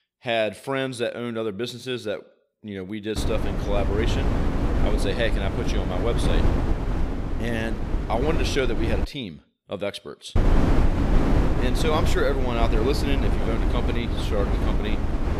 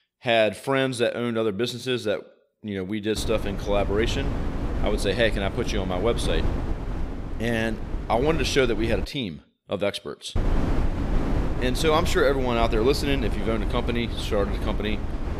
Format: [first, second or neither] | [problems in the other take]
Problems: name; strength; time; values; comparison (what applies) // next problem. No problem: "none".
second | wind noise on the microphone; heavy; from 3 to 9 s and from 10 s on; 3 dB below the speech; occasional gusts in the second